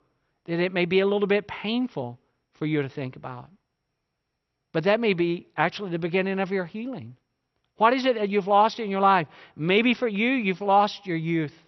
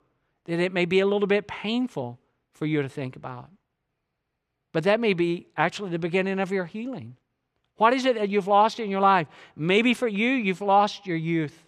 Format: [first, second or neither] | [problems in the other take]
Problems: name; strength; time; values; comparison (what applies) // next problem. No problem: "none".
second | garbled, watery; slightly; nothing above 6 kHz